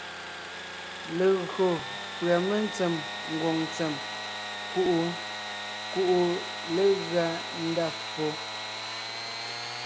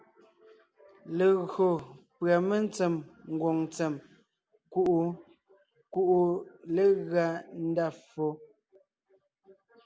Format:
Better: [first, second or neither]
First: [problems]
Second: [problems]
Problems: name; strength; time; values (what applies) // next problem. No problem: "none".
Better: second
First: background sound (Sawing / Engine); 6 dB below the speech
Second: none